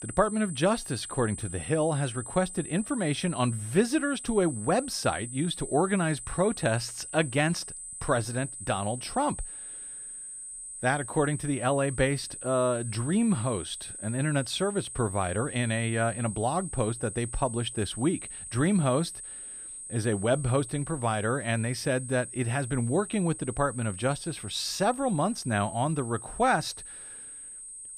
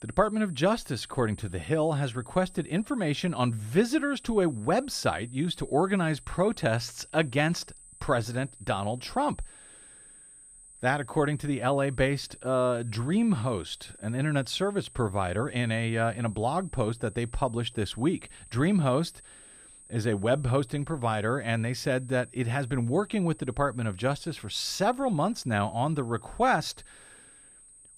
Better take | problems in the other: second | high-pitched whine; loud; throughout; 8 kHz, 10 dB below the speech; faint in the second

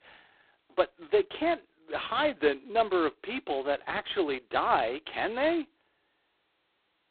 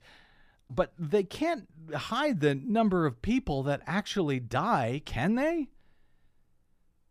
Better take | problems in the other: second | phone-call audio; poor line; nothing above 4 kHz

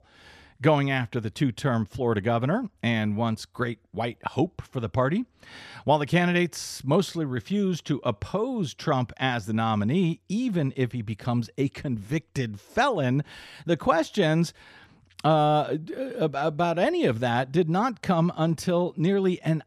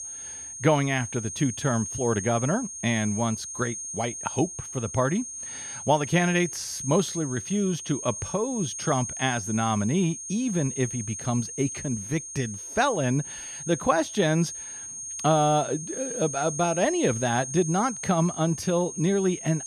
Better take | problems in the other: first | high-pitched whine; loud; throughout; 6.5 kHz, 7 dB below the speech

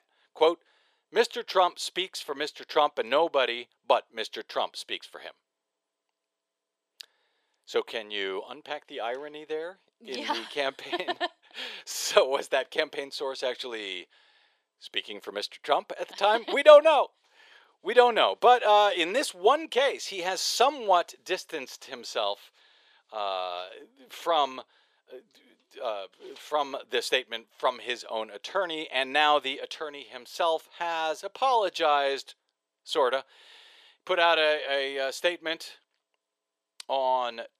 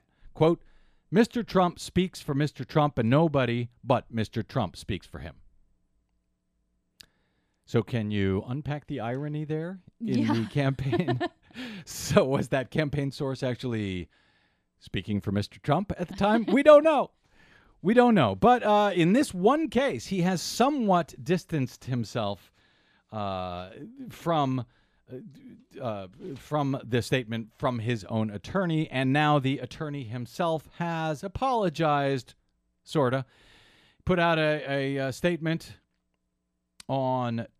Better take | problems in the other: second | thin; very; fading below 450 Hz

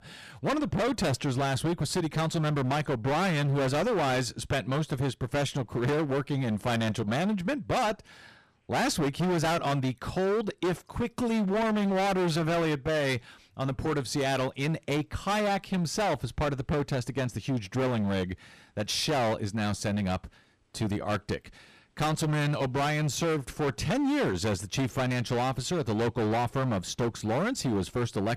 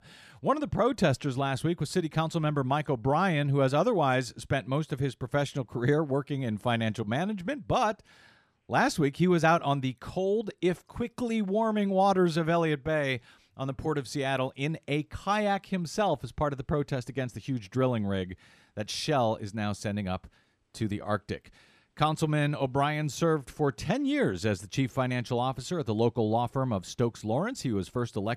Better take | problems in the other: second | distortion; heavy; 25% of the sound clipped

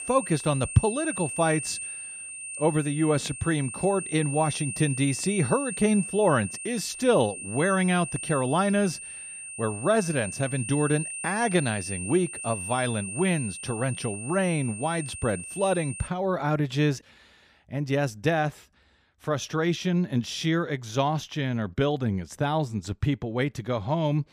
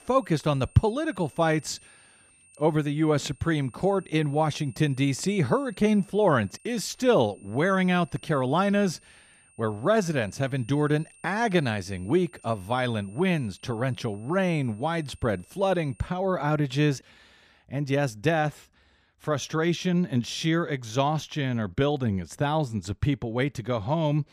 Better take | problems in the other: second | high-pitched whine; loud; until 16 s; 9 kHz, 8 dB below the speech; faint in the second

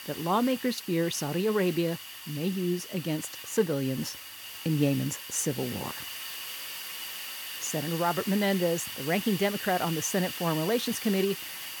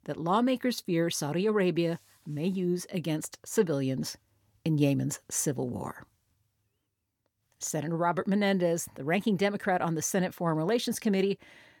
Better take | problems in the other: second | hiss; loud; throughout; 8 dB below the speech

